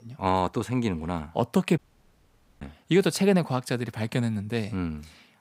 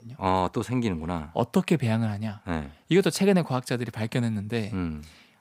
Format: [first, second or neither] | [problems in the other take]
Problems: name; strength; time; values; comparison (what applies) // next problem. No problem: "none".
second | audio cutting out; at 2 s for 1 s